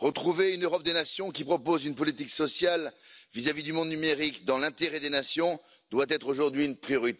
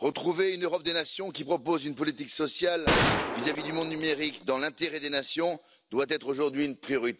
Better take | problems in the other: first | background sound (Gunshot, gunfire); 1 dB above the speech

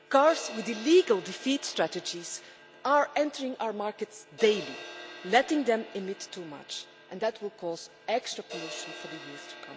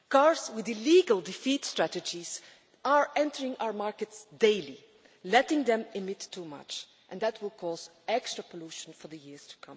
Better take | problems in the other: second | background sound (Crash cymbal); 16 dB below the speech

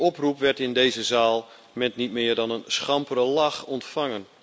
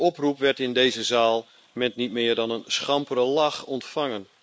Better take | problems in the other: first | noise reduction (neural mask model Resemble Enhance denoiser)

